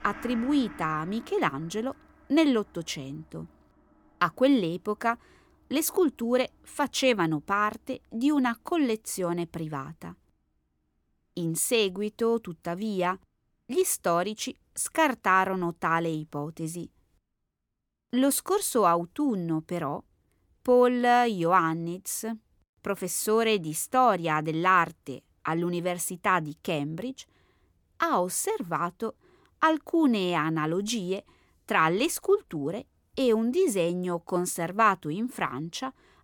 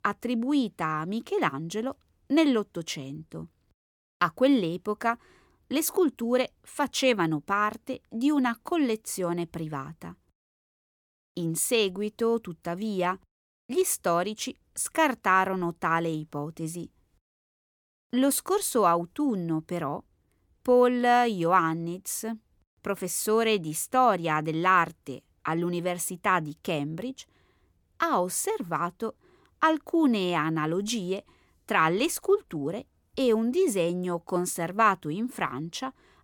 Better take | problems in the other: second | background music; faint; throughout; 25 dB below the speech

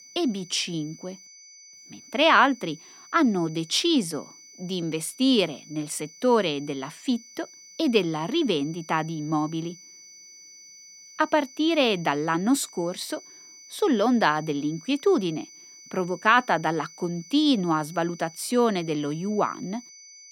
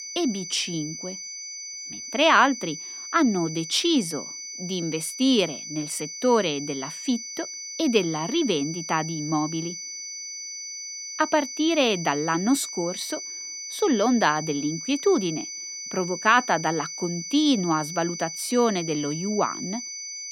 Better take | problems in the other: first | high-pitched whine; loud; throughout; 6 kHz, 9 dB below the speech; faint in the first

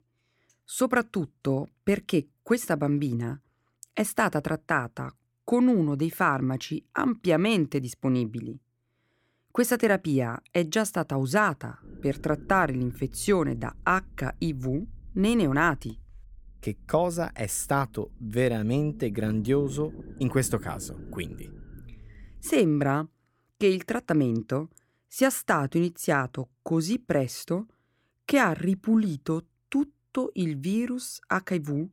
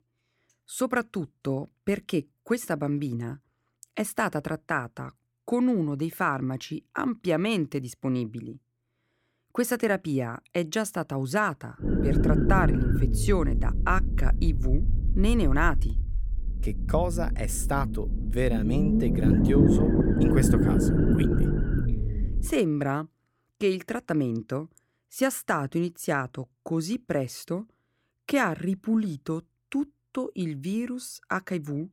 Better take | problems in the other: first | low rumble; loud; from 12 to 23 s; as loud as the speech; faint in the first

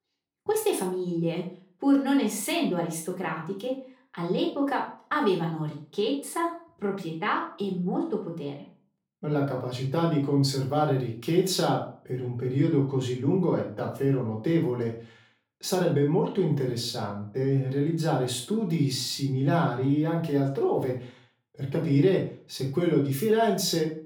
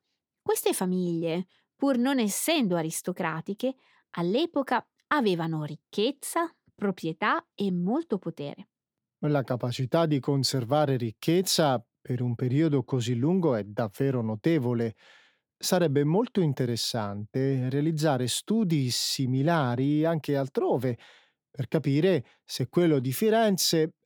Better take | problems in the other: second | off-mic speech; somewhat distant // room echo; slight; dies away in 0.4 s

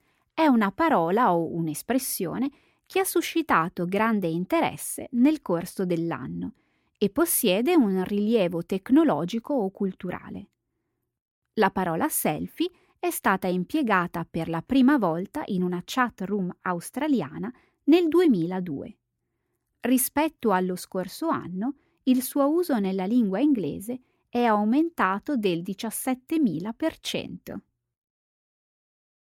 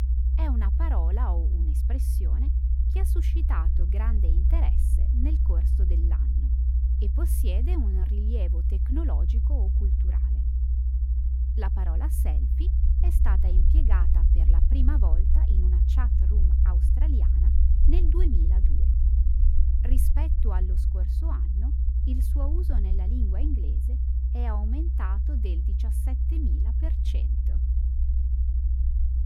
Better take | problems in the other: first | low rumble; loud; throughout; 1 dB below the speech

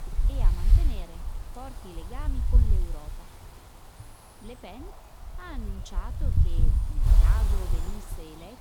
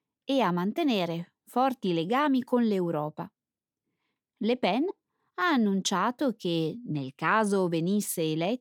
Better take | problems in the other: second | wind noise on the microphone; heavy; as loud as the speech

